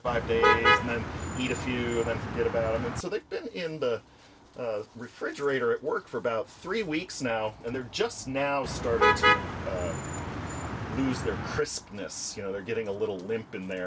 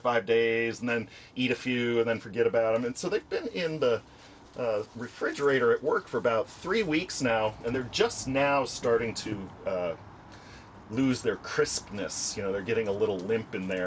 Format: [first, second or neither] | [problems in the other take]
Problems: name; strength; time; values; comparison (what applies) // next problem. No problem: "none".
second | background sound (Motor vehicle (road)); 3 dB above the speech